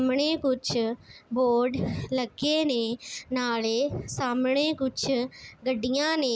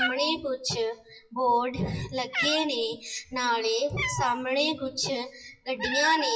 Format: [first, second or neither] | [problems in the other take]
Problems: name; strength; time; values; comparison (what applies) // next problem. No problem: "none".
first | noise reduction (classical method WPE with log-MMSE)